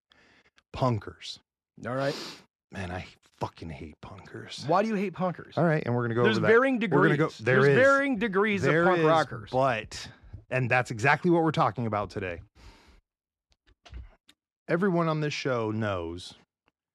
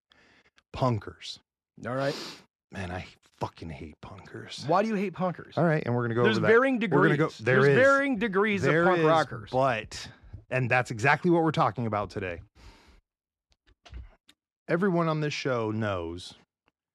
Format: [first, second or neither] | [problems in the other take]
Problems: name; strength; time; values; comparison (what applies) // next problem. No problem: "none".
neither | none